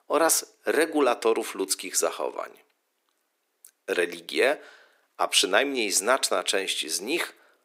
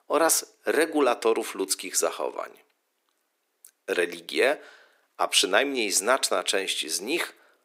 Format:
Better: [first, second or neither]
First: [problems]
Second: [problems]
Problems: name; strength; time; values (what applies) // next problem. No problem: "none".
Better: neither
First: thin; very; fading below 350 Hz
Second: thin; very; fading below 350 Hz